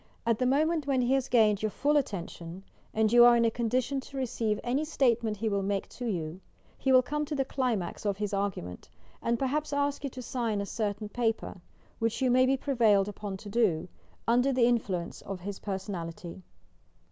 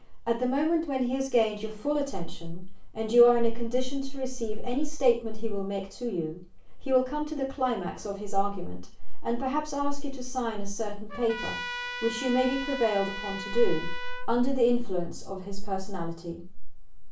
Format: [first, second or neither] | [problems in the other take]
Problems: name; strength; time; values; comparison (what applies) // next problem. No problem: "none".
first | background sound (Trumpet); 12 dB below the speech // room echo; dies away in 0.3 s